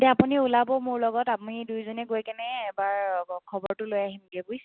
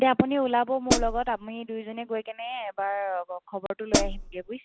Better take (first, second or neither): first